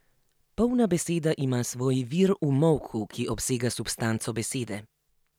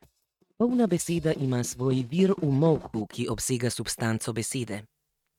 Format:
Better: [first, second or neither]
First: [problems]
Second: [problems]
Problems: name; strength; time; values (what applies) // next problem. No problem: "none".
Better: first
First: none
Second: noise reduction (neural mask model RNNoise)